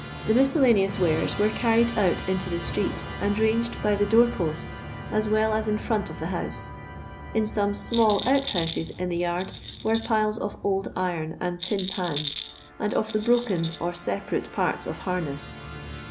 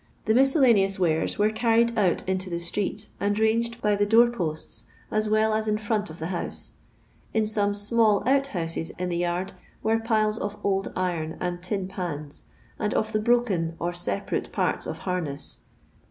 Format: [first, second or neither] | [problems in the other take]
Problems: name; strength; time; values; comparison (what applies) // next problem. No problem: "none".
second | background sound (Rattle + Musical instrument); 10 dB below the speech